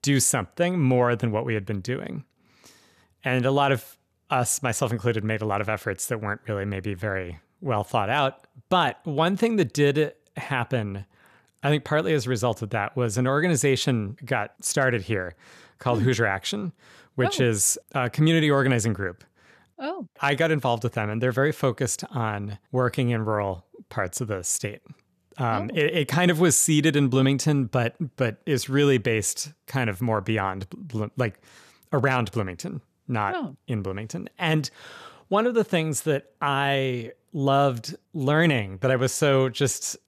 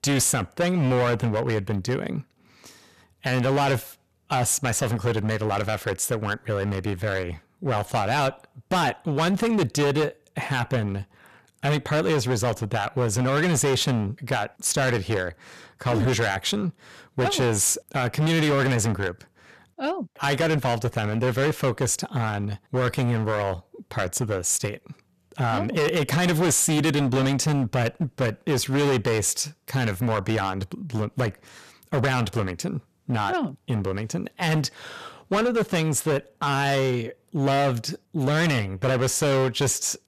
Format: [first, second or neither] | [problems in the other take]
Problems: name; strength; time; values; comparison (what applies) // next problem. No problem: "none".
first | distortion; heavy; 15% of the sound clipped